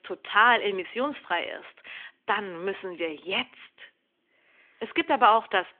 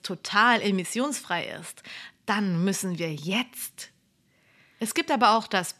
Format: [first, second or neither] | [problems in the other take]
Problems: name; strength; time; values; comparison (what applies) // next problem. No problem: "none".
second | phone-call audio